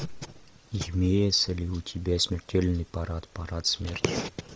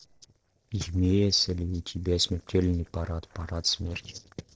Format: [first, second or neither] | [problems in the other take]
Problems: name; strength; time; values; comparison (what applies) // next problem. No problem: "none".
first | noise reduction (neural separator model SepFormer DNS4)